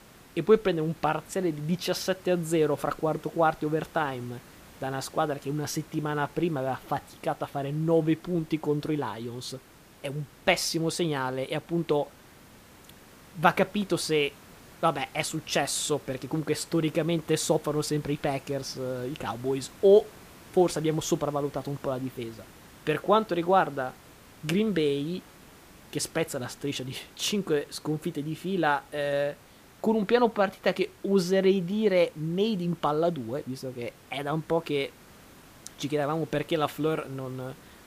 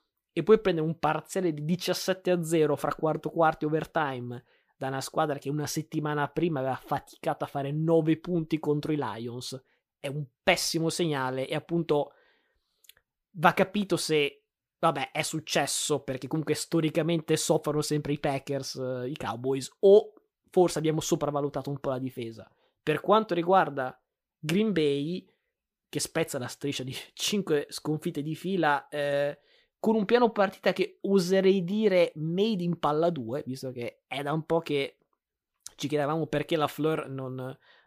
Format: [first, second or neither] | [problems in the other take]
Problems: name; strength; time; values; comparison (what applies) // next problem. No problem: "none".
second | hiss; faint; throughout; 25 dB below the speech